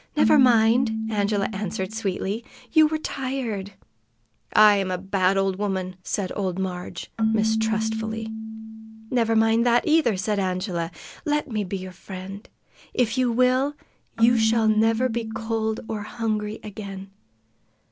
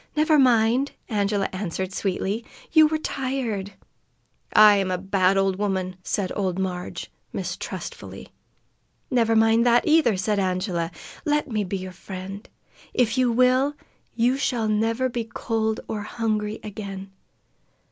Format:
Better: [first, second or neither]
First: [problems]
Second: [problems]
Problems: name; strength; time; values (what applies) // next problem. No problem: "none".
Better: second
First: background sound (Keyboard (musical)); 6 dB below the speech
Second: none